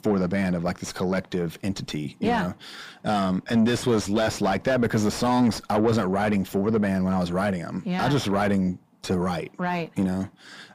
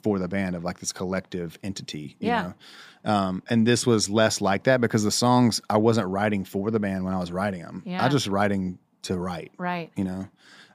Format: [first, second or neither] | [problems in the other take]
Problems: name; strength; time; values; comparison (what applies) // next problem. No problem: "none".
second | distortion; heavy; 6 dB below the speech